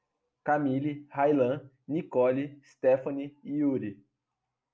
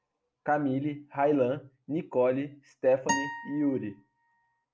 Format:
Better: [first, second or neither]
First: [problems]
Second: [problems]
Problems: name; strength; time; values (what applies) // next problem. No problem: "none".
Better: first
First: none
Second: background sound (Acoustic guitar); 7 dB below the speech